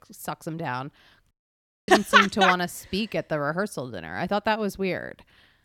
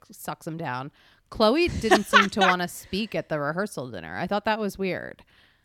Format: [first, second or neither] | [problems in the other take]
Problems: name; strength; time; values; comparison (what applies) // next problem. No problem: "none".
second | audio cutting out; at 1.5 s for 0.5 s